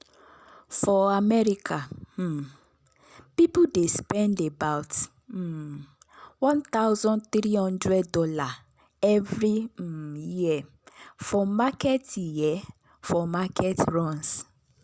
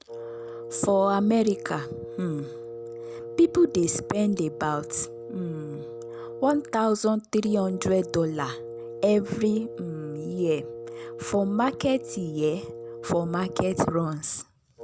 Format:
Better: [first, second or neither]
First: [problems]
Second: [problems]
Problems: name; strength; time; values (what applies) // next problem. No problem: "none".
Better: first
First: none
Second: background sound (Wind instrument, woodwind instrument); 12 dB below the speech